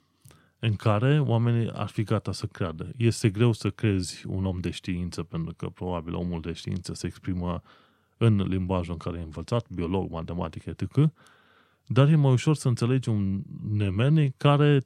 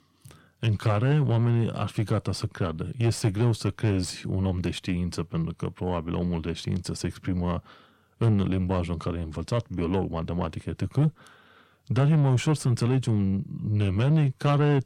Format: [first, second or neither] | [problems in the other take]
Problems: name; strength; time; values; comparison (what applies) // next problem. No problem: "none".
first | distortion; slight; 10 dB below the speech